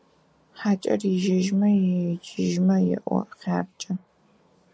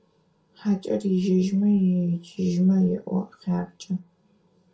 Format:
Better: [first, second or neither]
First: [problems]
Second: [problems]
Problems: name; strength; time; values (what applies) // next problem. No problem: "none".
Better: first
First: none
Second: room echo; dies away in 0.2 s